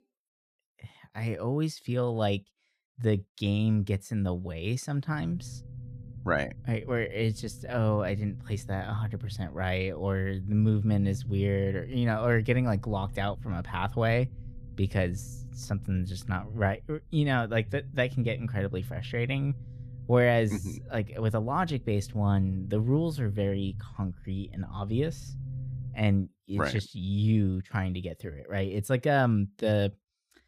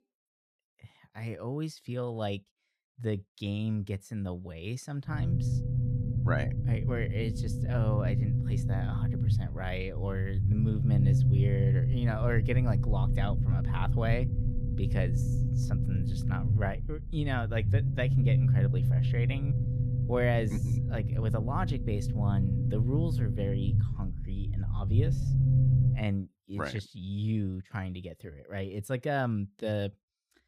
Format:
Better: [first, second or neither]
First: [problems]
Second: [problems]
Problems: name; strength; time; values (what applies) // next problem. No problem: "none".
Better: first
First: low rumble; faint; from 5 to 26 s; 20 dB below the speech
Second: low rumble; loud; from 5 to 26 s; 3 dB below the speech